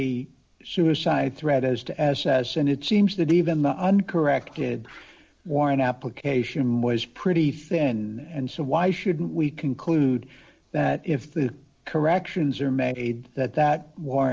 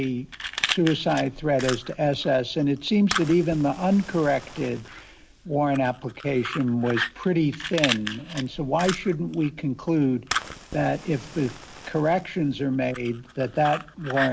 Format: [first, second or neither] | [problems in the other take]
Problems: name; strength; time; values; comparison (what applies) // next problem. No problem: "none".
first | background sound (Fire); 10 dB below the speech